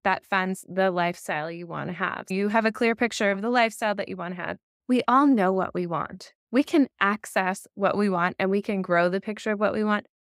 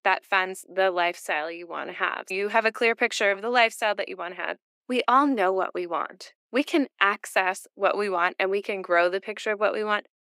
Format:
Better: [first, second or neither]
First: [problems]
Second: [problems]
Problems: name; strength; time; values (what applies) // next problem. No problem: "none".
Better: first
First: none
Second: thin; somewhat; fading below 300 Hz